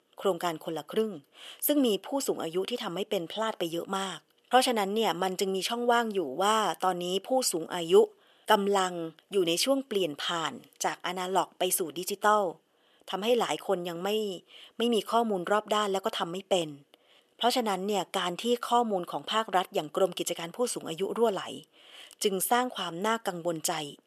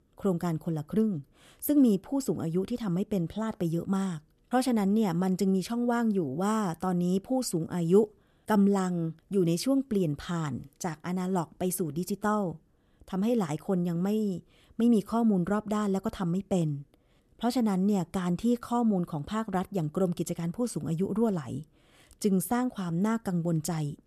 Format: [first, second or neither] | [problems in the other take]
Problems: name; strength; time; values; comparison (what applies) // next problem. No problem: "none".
second | thin; very; fading below 550 Hz